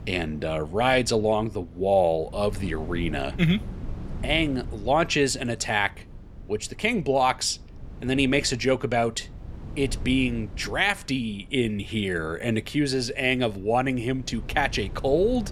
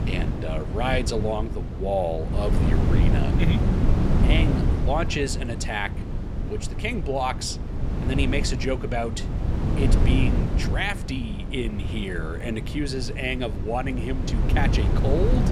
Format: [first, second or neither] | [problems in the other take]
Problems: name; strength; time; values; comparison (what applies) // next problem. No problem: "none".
first | wind noise on the microphone; heavy; 6 dB below the speech; occasional gusts in the first